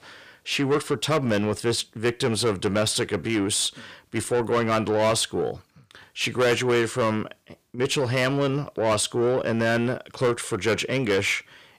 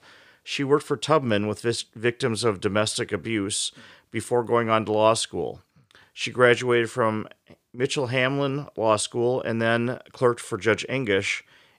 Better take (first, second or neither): second